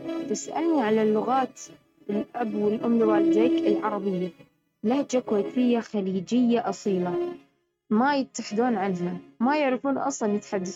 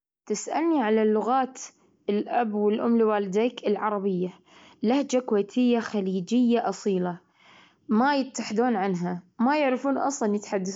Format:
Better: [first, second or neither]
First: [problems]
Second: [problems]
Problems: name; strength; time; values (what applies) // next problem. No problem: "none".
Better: second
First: noise reduction (neural mask model RNNoise)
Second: none